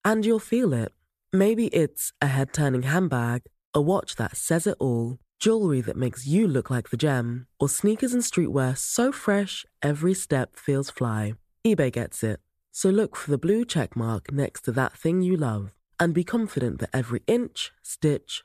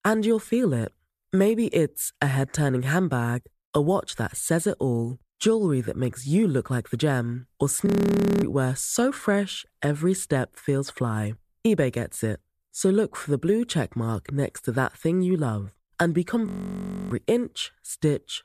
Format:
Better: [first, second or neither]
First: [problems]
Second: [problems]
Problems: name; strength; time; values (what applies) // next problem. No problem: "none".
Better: first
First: none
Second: audio freezing; at 8 s for 0.5 s and at 16 s for 0.5 s